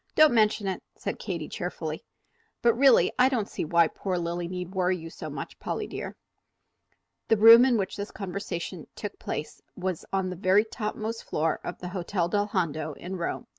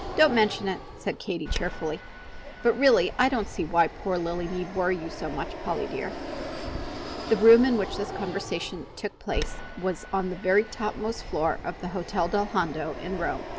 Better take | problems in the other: first | background sound (Fixed-wing aircraft, airplane); 9 dB below the speech

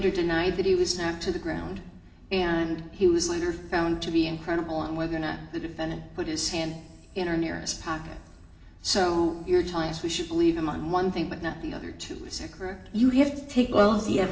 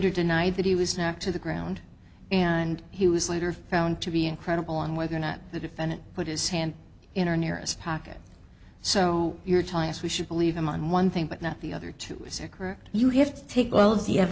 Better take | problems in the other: second | room echo; dies away in 1.4 s

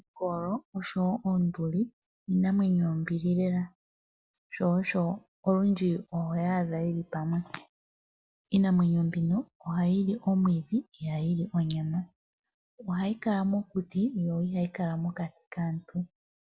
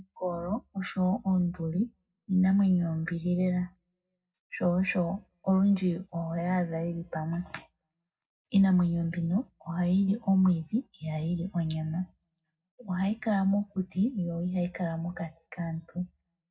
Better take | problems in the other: first | room echo; dies away in 0.3 s

